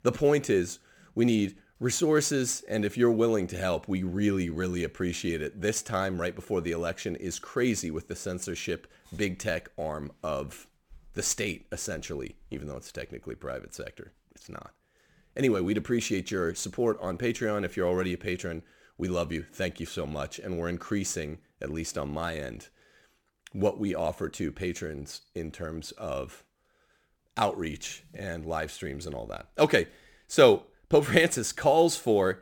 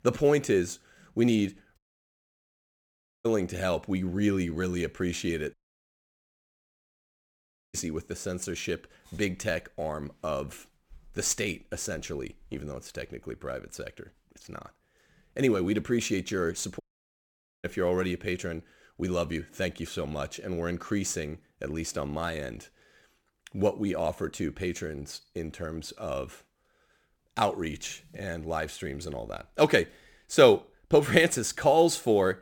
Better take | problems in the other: first | audio cutting out; at 2 s for 1.5 s, at 5.5 s for 2 s and at 17 s for 1 s

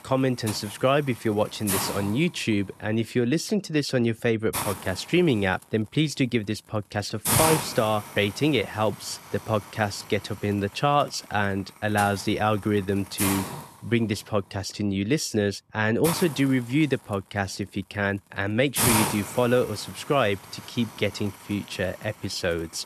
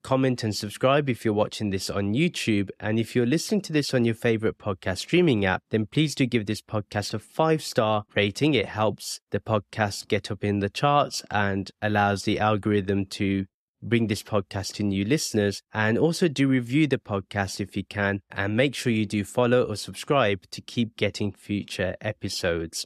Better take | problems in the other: second | hiss; loud; throughout; 3 dB below the speech

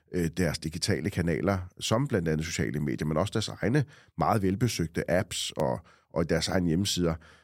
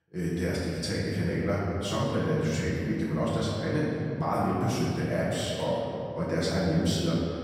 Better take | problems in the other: first | off-mic speech; far // room echo; strong; dies away in 2.3 s

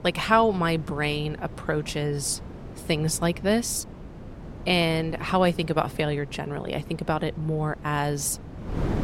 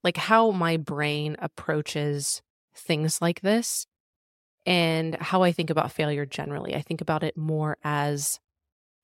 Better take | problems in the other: second | wind noise on the microphone; occasional gusts; 20 dB below the speech

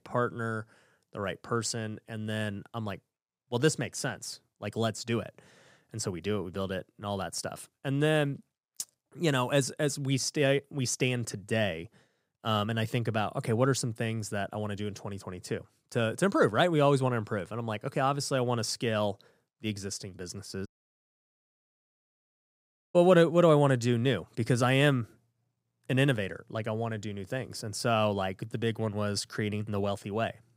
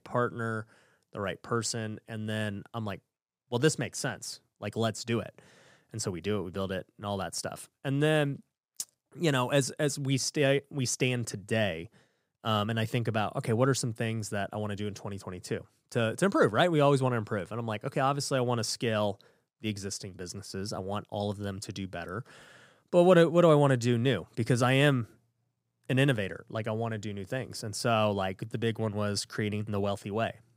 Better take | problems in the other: second | audio cutting out; at 21 s for 2.5 s

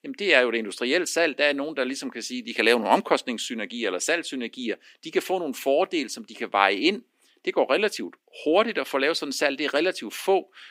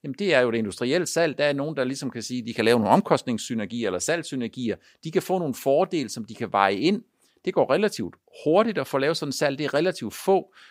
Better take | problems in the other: second | thin; very slightly; fading below 250 Hz

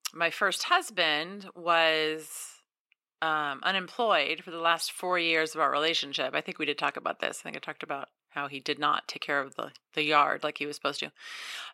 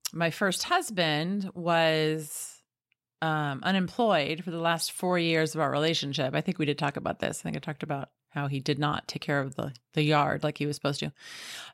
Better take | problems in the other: second | thin; somewhat; fading below 400 Hz

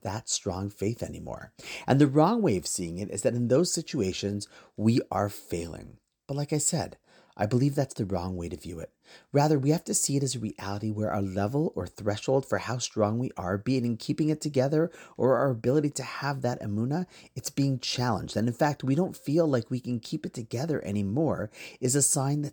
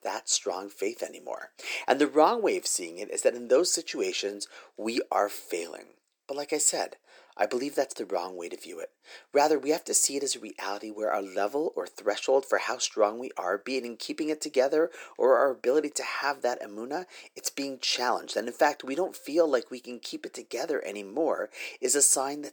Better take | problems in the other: first | thin; very; fading below 350 Hz

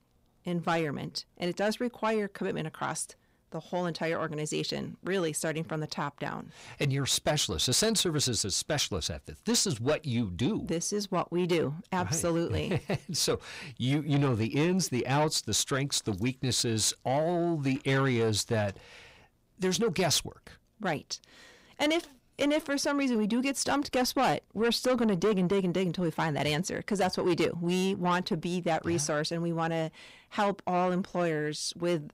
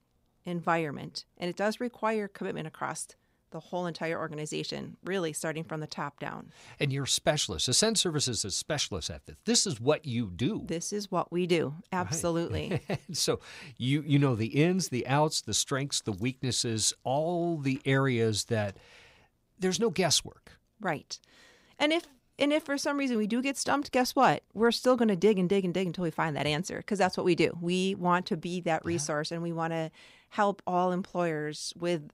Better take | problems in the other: second | distortion; slight; 10 dB below the speech

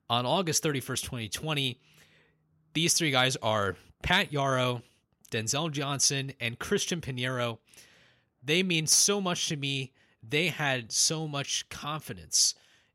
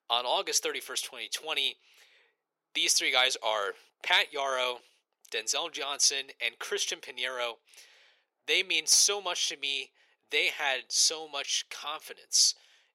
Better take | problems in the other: first | thin; very; fading below 450 Hz

